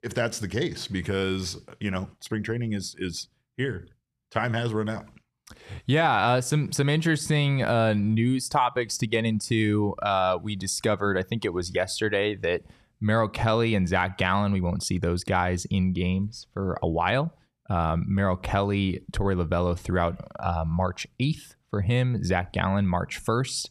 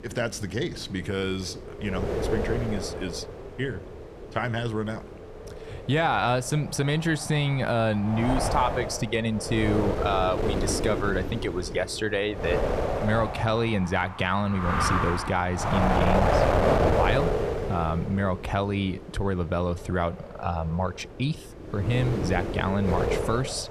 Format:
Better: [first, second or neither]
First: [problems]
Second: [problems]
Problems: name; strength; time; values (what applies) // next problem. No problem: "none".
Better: first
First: none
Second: wind noise on the microphone; heavy; as loud as the speech